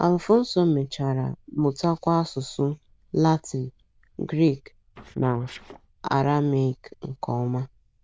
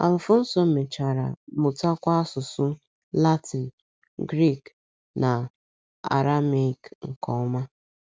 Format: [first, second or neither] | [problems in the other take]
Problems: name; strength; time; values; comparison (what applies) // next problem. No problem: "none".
second | noise reduction (neural diffusion model UNIVERSE++)